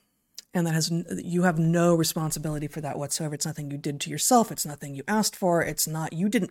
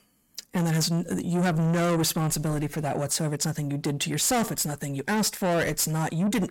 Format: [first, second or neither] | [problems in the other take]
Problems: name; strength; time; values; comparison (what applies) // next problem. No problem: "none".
first | distortion; heavy; 6 dB below the speech